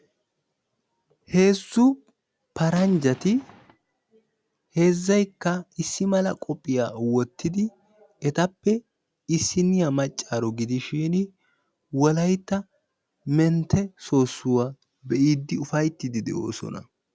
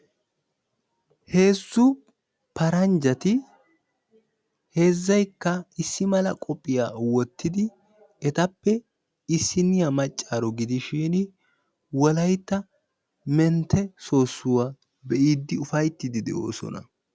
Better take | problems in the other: second | background sound (Gunshot, gunfire); 20 dB below the speech

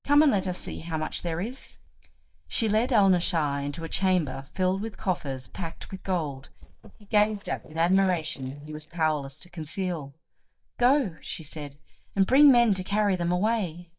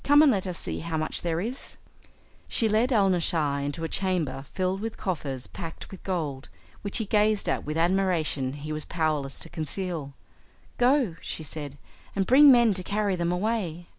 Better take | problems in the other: second | noise reduction (neural mask model DeepFilterNet 3)

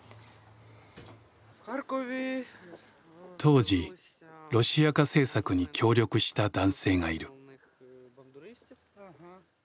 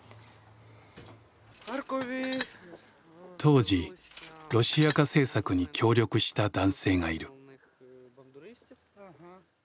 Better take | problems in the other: first | background sound (Tools); 15 dB below the speech

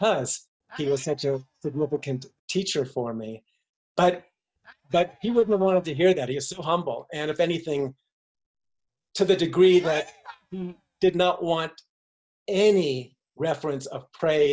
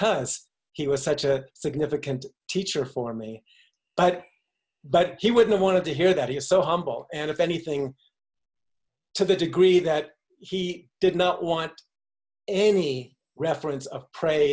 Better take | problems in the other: second | noise reduction (neural mask model DeepFilterNet 3)

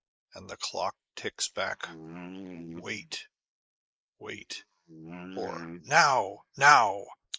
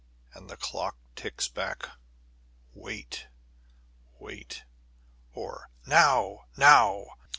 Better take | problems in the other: second | noise reduction (neural mask model Resemble Enhance denoiser)

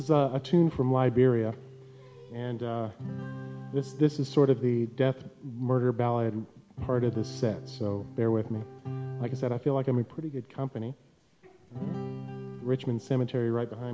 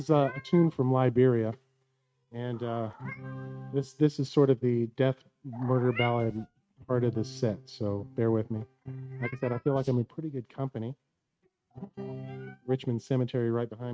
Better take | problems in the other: first | noise reduction (neural mask model RNNoise)

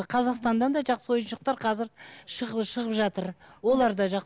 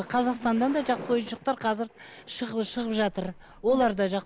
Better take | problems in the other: first | background sound (Thunder + Water / Splash, splatter); 18 dB below the speech

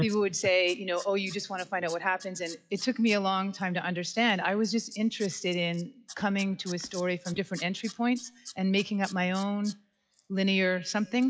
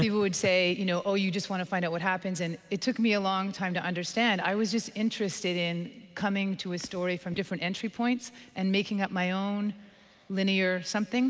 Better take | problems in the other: second | noise reduction (classical method log-MMSE)

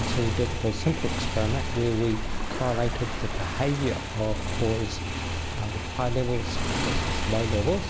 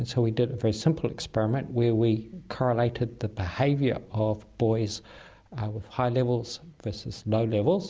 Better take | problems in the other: second | background sound (Motorcycle + Waves, surf); as loud as the speech

